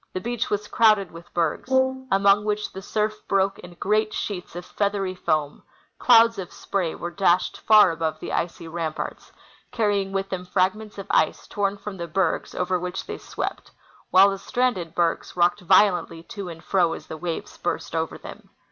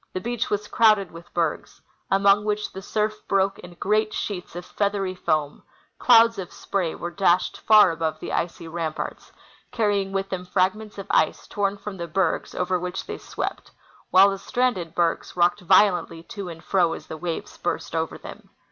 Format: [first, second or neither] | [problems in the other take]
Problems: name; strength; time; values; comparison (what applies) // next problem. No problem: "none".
second | background sound (Brass instrument); 4 dB below the speech